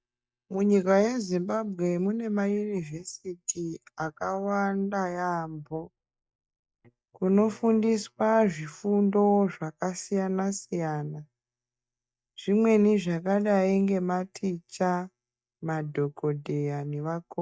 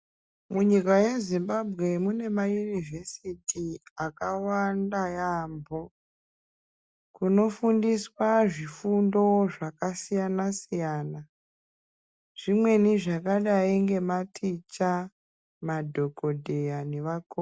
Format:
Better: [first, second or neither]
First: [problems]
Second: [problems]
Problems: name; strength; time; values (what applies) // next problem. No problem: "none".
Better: second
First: noise reduction (neural mask model DeepFilterNet 3)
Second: none